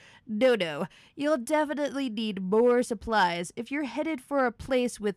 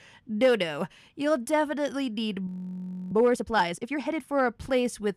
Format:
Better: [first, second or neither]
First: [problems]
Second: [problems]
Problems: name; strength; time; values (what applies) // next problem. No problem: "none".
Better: first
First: none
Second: audio freezing; at 2.5 s for 0.5 s